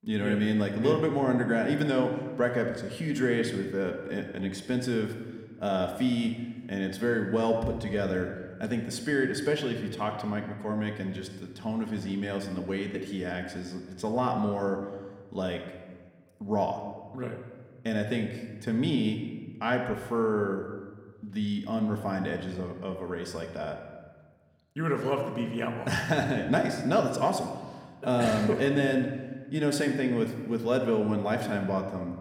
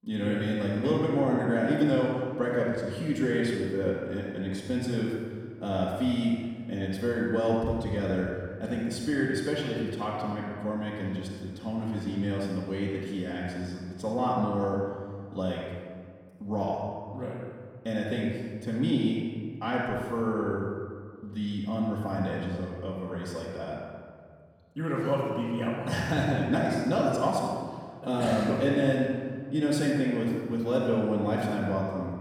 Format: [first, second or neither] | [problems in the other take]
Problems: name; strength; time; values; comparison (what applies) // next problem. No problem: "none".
first | room echo; strong; dies away in 1.7 s; slight in the first // off-mic speech; far